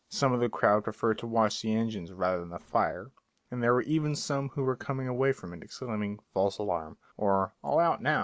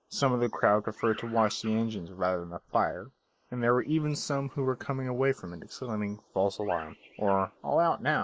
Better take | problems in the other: first | noise reduction (neural mask model Resemble Enhance denoiser)

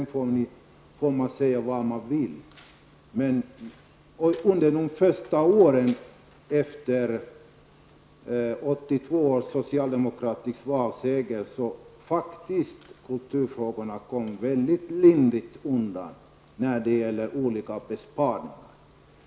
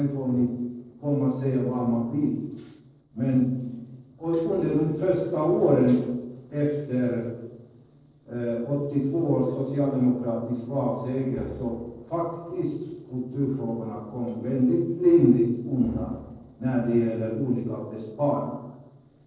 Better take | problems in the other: first | noise reduction (neural separator model SepFormer DNS4)

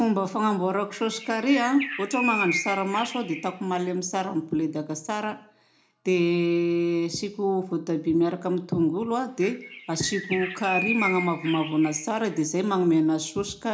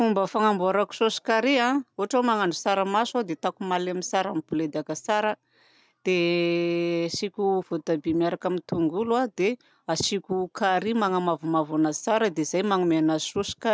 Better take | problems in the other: second | background sound (Bird); 8 dB below the speech // room echo; dies away in 0.3 s

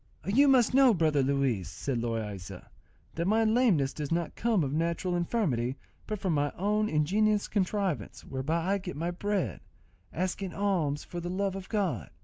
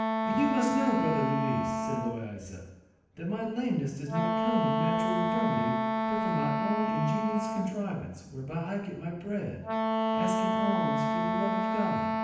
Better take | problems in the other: first | background sound (Wind instrument, woodwind instrument); 2 dB above the speech // room echo; dies away in 0.9 s

